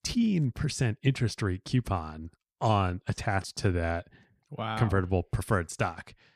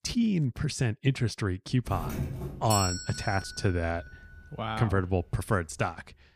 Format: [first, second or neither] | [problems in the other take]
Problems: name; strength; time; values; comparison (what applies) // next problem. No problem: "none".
first | doorbell; noticeable; from 2 to 5 s; peak 1 dB below the speech